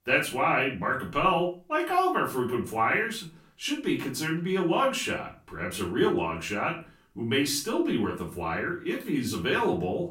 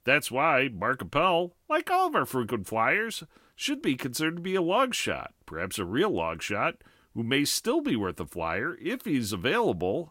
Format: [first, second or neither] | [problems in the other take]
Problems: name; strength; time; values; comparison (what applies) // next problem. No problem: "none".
second | off-mic speech; far // room echo; slight; dies away in 0.3 s